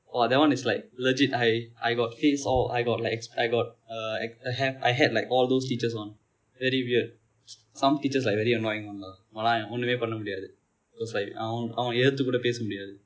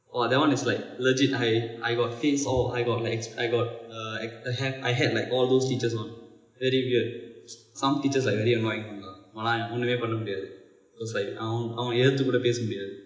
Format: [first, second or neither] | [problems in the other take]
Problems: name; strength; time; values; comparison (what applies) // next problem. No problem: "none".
first | room echo; dies away in 0.8 s